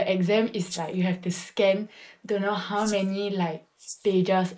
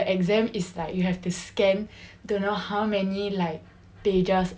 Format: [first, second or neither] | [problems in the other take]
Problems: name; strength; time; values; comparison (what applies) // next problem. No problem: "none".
second | noise reduction (neural mask model Resemble Enhance denoiser)